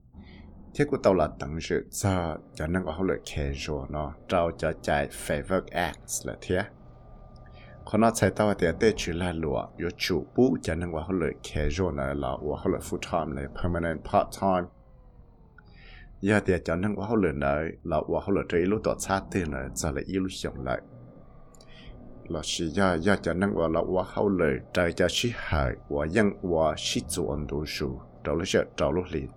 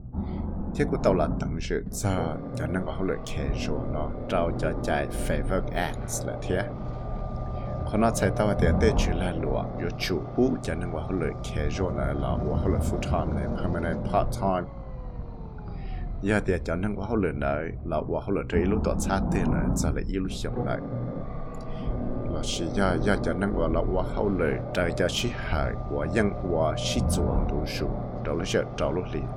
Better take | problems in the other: first | low rumble; loud; throughout; 7 dB below the speech; faint in the first

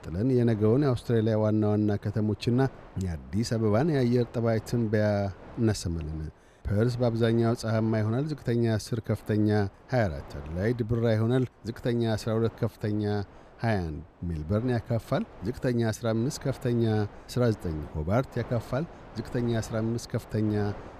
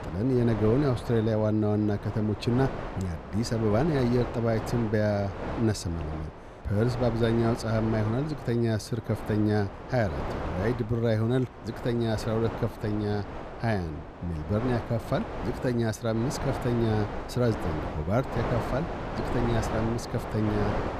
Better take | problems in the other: first | wind noise on the microphone; heavy; 5 dB below the speech; occasional gusts in the first

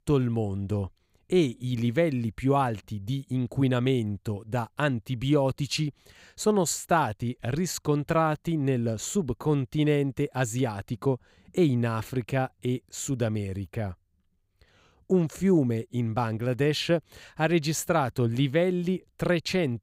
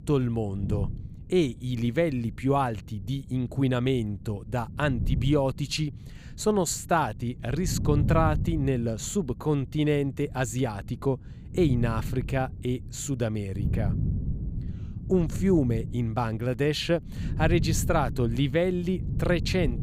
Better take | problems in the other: first | wind noise on the microphone; occasional gusts; 15 dB below the speech

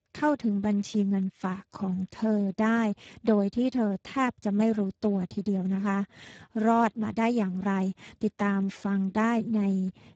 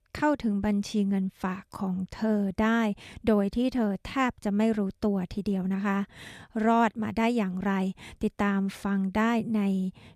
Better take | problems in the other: second | garbled, watery; badly; nothing above 7.5 kHz

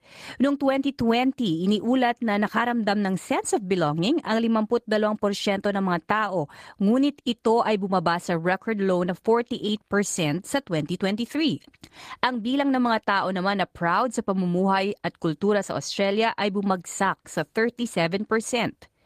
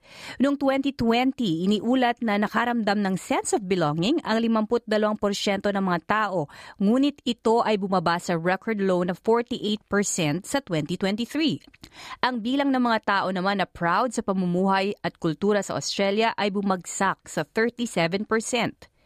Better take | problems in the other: second | garbled, watery; slightly; nothing above 15 kHz

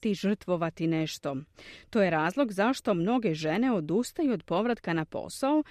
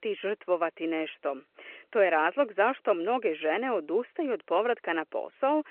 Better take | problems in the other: first | phone-call audio

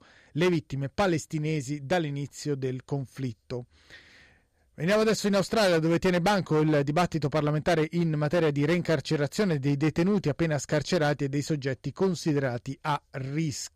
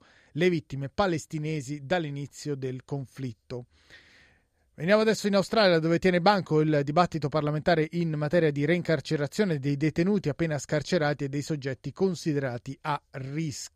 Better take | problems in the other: second | distortion; slight; 8% of the sound clipped

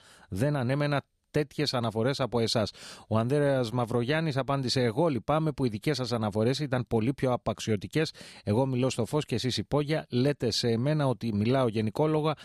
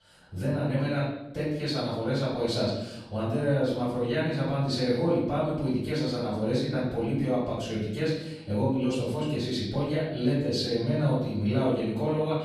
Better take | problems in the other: first | off-mic speech; far // room echo; noticeable; dies away in 0.9 s

